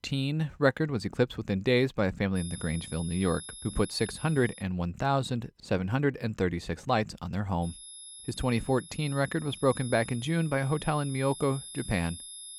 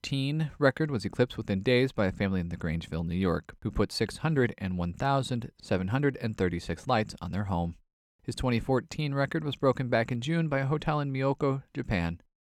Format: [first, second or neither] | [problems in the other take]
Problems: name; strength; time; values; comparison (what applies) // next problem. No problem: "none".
second | high-pitched whine; noticeable; from 2.5 to 4.5 s and from 7.5 s on; 11 kHz, 15 dB below the speech